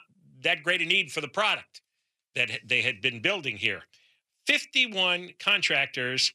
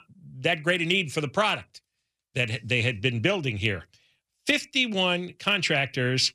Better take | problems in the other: second | thin; somewhat; fading below 900 Hz

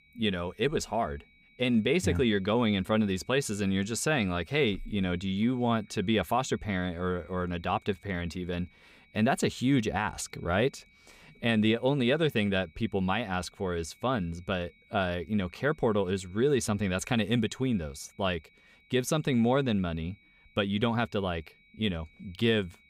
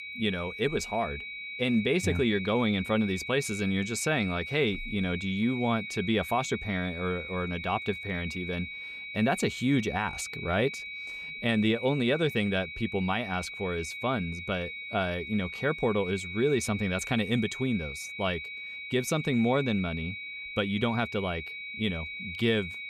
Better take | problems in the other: first | high-pitched whine; loud; throughout; 2.5 kHz, 8 dB below the speech; faint in the first

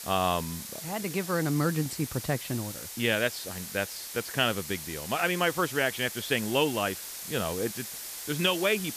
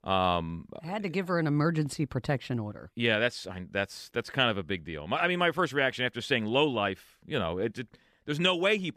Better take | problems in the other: second | hiss; loud; throughout; 8 dB below the speech

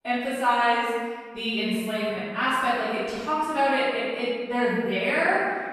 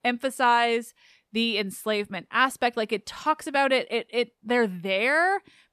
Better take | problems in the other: second | off-mic speech; far // room echo; strong; dies away in 1.7 s

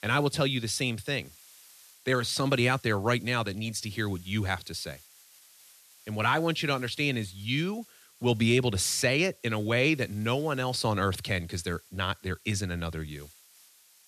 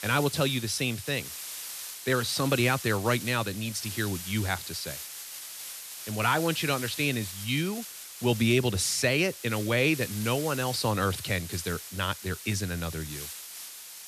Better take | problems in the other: first | hiss; loud; throughout; 10 dB below the speech; faint in the first

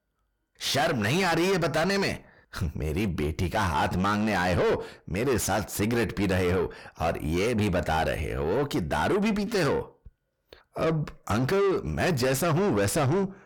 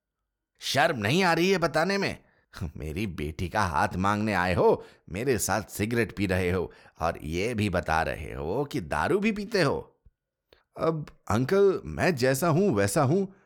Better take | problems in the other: second | distortion; heavy; 5 dB below the speech

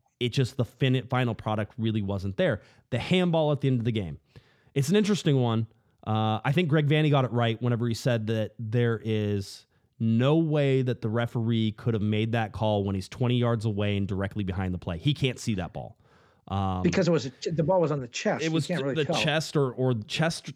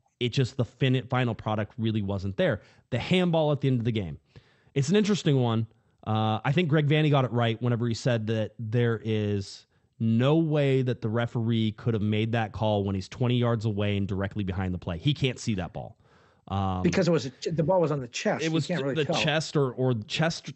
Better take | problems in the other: first | garbled, watery; slightly; nothing above 8 kHz

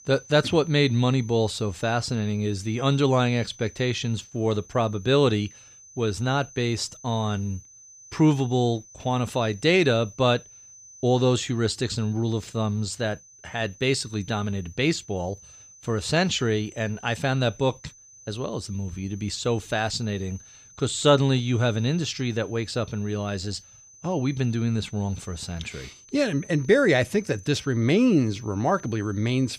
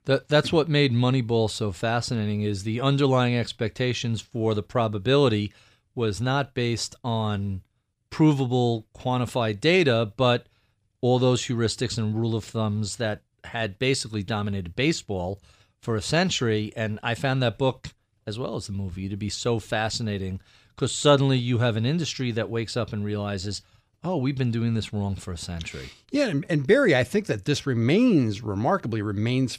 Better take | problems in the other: second | high-pitched whine; faint; throughout; 6 kHz, 20 dB below the speech

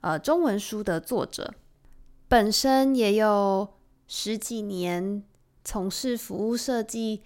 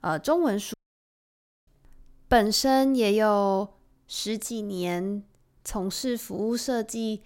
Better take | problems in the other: first | audio cutting out; at 0.5 s for 1 s

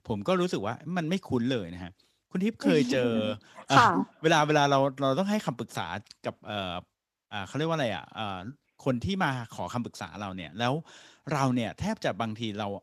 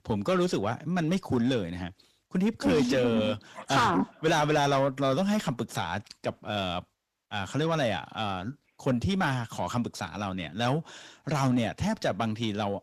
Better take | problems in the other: first | distortion; heavy; 8 dB below the speech

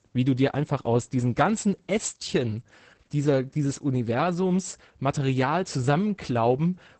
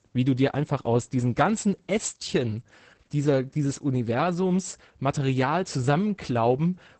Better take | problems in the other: neither | garbled, watery; badly; nothing above 8 kHz; the same in both

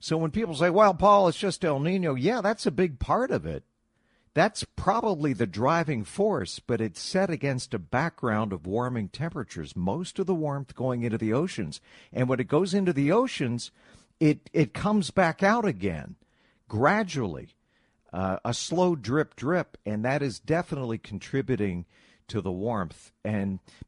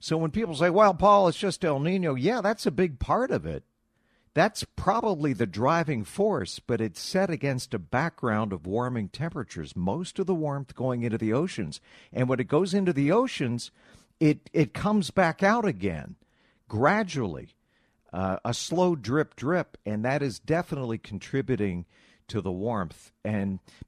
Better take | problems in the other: second | garbled, watery; slightly; nothing above 10 kHz

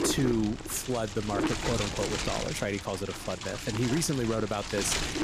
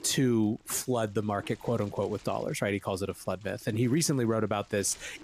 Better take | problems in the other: second | wind noise on the microphone; heavy; 2 dB below the speech; occasional gusts in the second

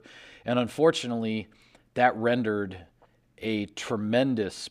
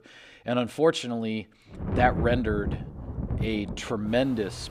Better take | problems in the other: first | rain or running water; loud; from 2 s on; 5 dB below the speech

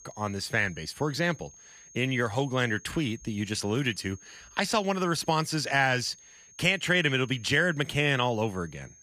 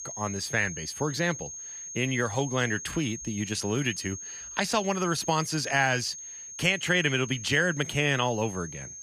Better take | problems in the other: first | high-pitched whine; loud; throughout; 6.5 kHz, 10 dB below the speech; faint in the first

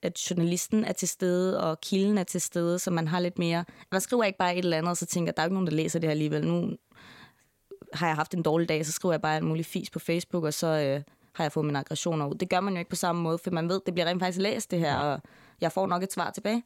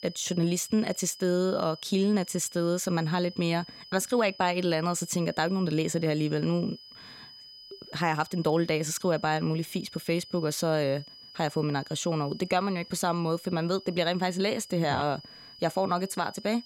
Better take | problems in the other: first | high-pitched whine; noticeable; throughout; 5 kHz, 20 dB below the speech

